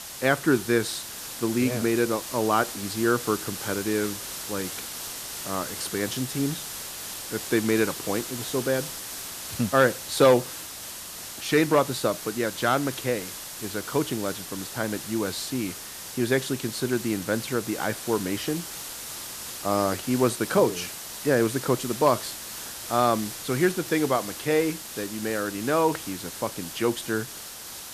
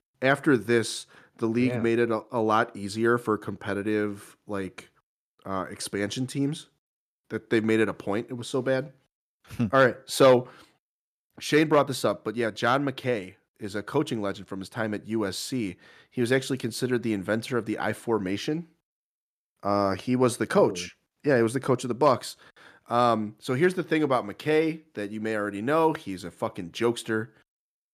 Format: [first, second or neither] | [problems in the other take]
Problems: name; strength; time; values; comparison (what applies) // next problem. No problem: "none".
second | hiss; loud; throughout; 8 dB below the speech